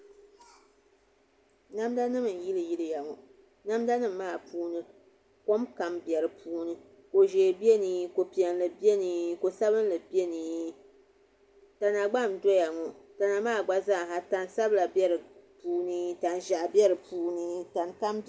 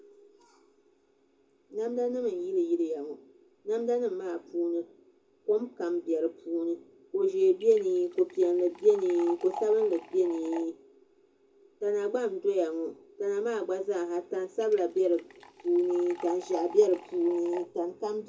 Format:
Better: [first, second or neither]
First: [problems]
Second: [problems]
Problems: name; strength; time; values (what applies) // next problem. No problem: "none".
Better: first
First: none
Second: background sound (Liquid); 16 dB below the speech // room echo; dies away in 0.2 s